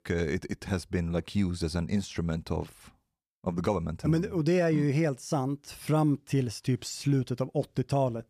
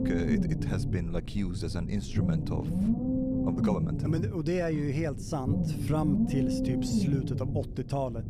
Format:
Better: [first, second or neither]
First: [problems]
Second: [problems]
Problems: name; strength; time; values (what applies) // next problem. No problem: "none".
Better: first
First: none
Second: low rumble; loud; throughout; as loud as the speech